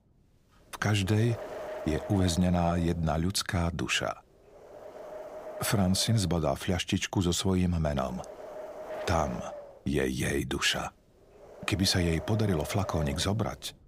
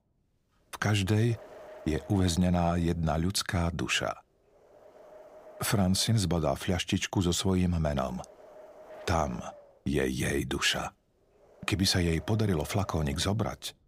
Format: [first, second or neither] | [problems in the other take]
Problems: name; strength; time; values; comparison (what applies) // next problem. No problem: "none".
second | wind noise on the microphone; heavy; 10 dB below the speech; occasional gusts in the second